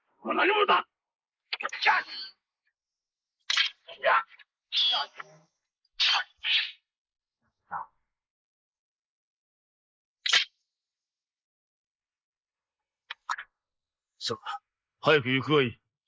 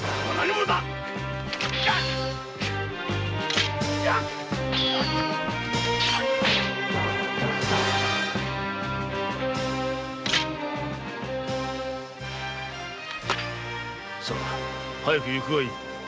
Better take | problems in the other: second | noise reduction (neural mask model Resemble Enhance denoiser)

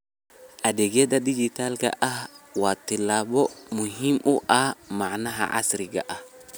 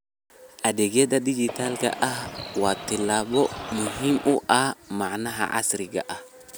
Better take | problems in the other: first | background sound (Bird); 10 dB below the speech

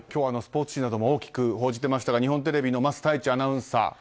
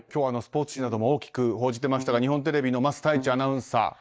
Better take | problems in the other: first | noise reduction (neural mask model DeepFilterNet 3)

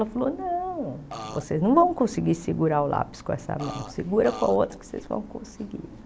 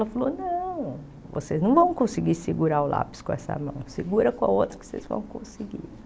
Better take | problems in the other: second | background sound (Burping, eructation); 11 dB below the speech

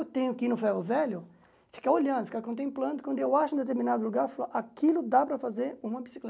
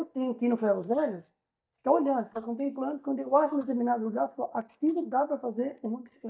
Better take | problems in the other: first | noise reduction (neural mask model DeepFilterNet 3)

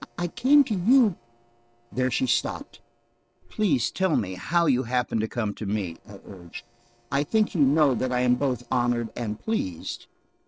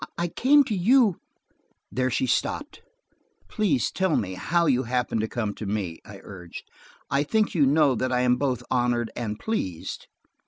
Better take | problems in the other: second | noise reduction (neural separator model SepFormer DNS4)

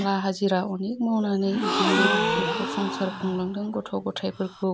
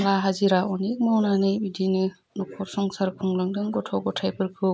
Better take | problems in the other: second | background sound (Gasp); 1 dB below the speech

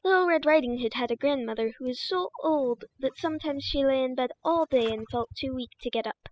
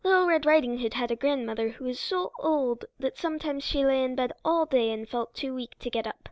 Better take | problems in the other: second | noise reduction (classical method spectral subtraction)

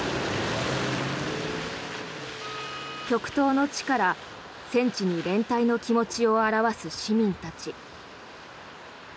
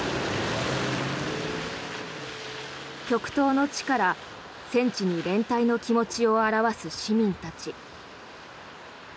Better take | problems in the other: second | background sound (Wind instrument, woodwind instrument); 14 dB below the speech

